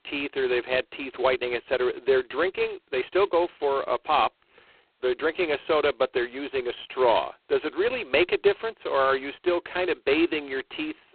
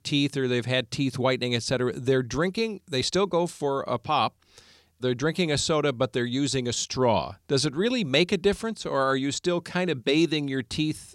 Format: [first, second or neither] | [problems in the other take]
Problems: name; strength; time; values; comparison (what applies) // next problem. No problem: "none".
second | phone-call audio; poor line; nothing above 4 kHz